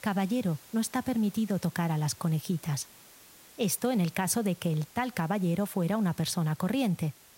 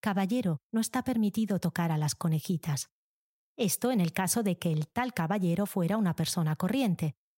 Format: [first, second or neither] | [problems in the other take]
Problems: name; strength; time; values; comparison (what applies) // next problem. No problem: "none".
second | hiss; faint; throughout; 20 dB below the speech